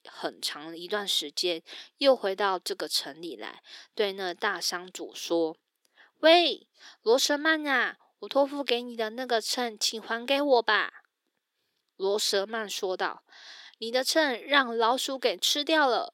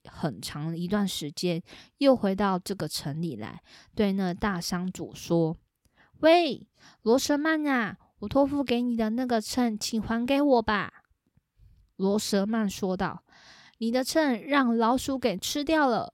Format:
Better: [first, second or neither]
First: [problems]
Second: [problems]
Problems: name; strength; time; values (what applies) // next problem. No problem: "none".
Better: second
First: thin; somewhat; fading below 350 Hz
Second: none